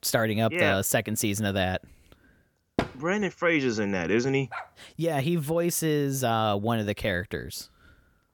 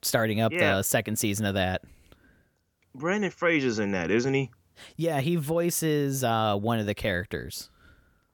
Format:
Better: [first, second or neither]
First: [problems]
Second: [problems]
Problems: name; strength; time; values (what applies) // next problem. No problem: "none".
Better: second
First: door banging; noticeable; at 3 s; peak 5 dB below the speech // dog barking; faint; at 4.5 s; peak 15 dB below the speech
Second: none